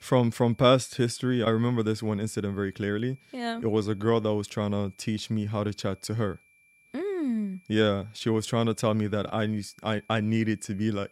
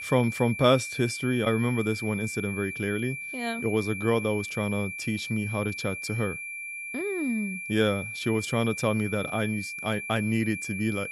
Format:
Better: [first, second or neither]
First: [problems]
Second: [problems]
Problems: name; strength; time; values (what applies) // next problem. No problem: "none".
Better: first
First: high-pitched whine; faint; throughout; 2.5 kHz, 30 dB below the speech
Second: high-pitched whine; loud; throughout; 2.5 kHz, 6 dB below the speech